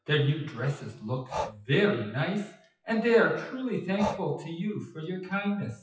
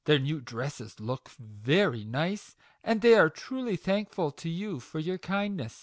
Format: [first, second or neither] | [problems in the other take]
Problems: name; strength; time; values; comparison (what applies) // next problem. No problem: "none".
second | noise reduction (classical method WPE with log-MMSE)